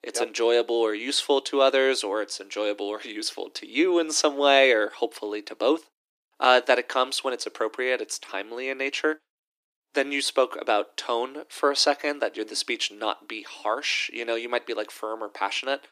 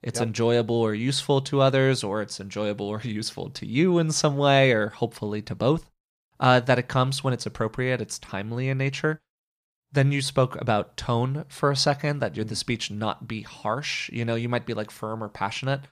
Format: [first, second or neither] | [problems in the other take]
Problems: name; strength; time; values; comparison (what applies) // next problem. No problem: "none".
second | thin; somewhat; fading below 300 Hz